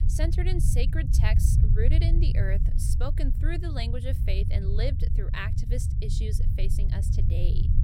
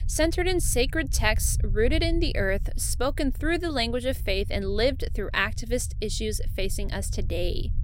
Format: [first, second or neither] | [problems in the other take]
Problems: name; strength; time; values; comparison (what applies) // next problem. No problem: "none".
second | low rumble; loud; throughout; 5 dB below the speech; faint in the second